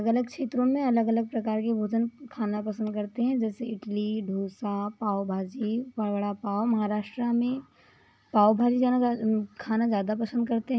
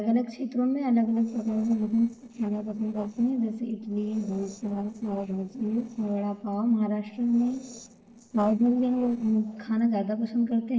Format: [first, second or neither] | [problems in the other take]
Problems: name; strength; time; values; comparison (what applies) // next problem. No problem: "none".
first | noise reduction (neural separator model SepFormer DNS4)